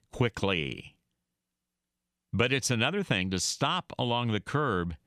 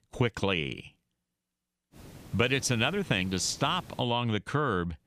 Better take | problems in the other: first | hiss; faint; from 2 to 4 s; 20 dB below the speech

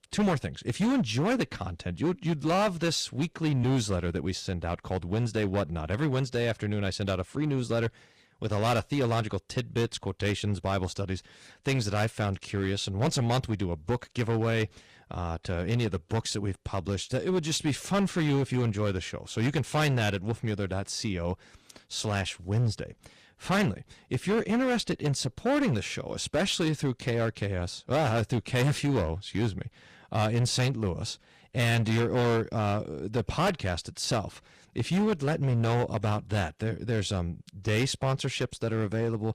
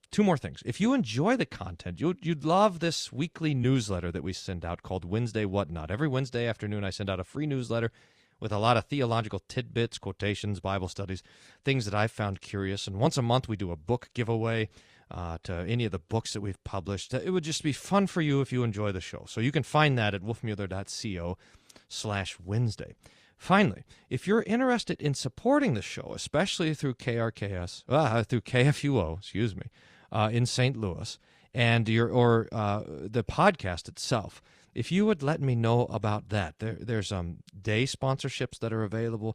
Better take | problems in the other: second | distortion; heavy; 10% of the sound clipped

